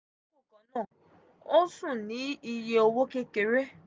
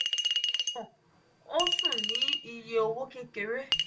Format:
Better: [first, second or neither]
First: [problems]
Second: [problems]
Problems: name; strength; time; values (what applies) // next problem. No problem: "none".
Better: first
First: none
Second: background sound (Chink, clink); 3 dB above the speech // room echo; dies away in 0.2 s